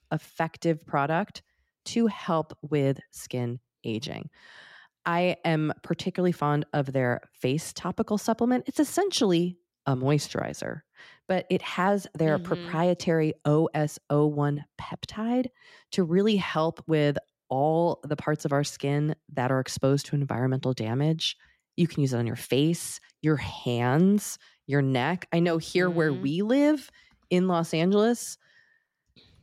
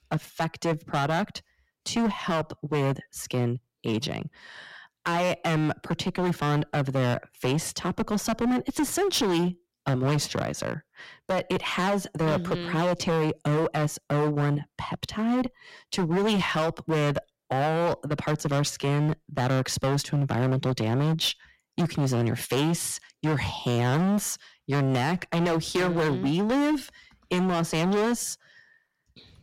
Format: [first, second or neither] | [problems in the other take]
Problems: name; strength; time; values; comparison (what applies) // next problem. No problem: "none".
first | distortion; heavy; 18% of the sound clipped